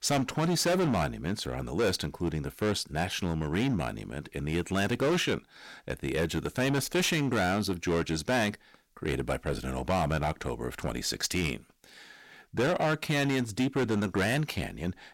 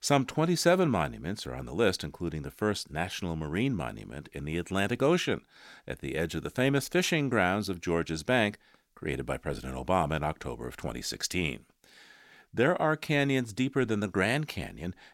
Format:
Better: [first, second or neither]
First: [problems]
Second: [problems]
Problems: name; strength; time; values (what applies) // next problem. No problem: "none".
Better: second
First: distortion; heavy; 11% of the sound clipped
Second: none